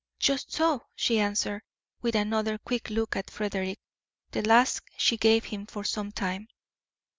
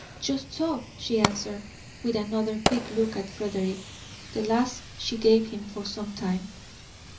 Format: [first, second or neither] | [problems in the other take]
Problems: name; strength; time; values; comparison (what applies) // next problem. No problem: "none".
first | background sound (Fire); 7 dB below the speech // room echo; dies away in 0.5 s